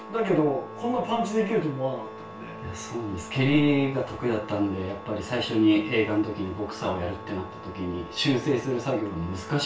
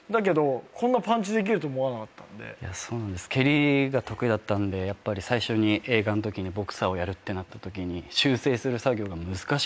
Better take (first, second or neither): second